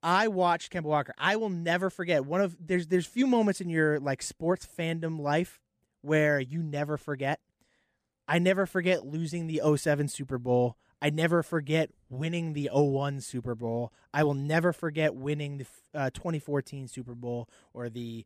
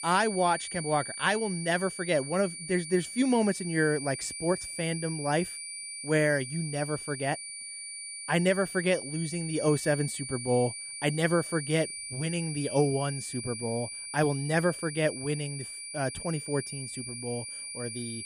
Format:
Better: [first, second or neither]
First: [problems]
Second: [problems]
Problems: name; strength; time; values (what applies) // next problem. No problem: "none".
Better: first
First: none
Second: high-pitched whine; loud; throughout; 9 kHz, 7 dB below the speech